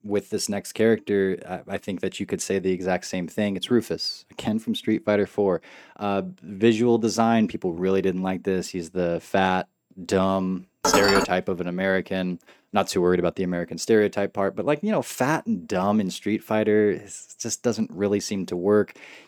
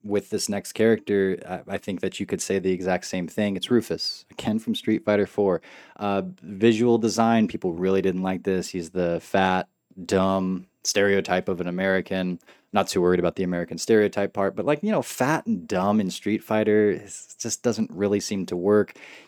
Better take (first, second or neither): second